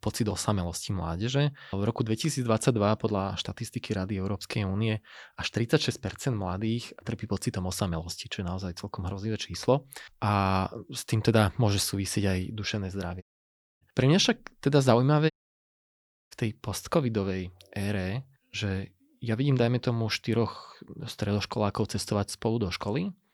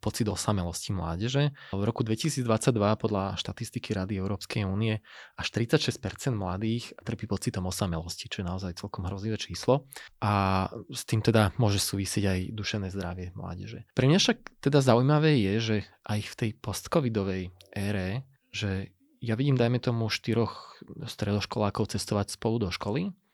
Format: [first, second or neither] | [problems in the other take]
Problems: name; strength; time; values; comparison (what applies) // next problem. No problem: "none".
second | audio cutting out; at 13 s for 0.5 s and at 15 s for 1 s